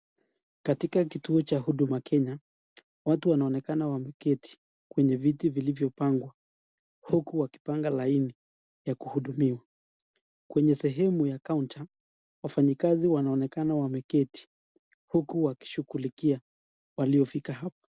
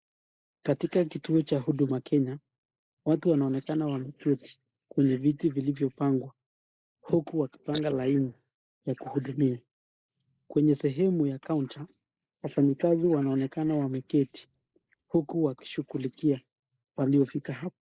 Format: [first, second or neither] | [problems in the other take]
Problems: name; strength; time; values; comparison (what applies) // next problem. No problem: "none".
first | noise reduction (neural mask model Resemble Enhance denoiser)